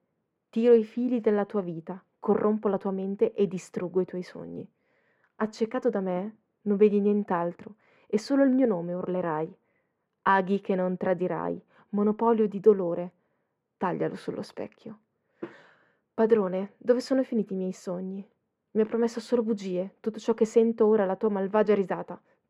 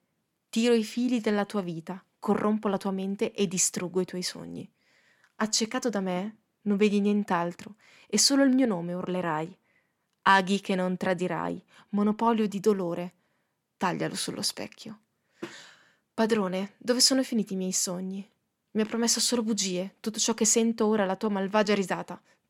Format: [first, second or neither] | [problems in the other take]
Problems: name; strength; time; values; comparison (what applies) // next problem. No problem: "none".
second | muffled; very; fading above 3 kHz